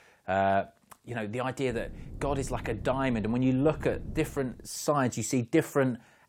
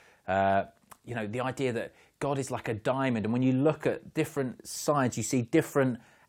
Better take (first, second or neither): second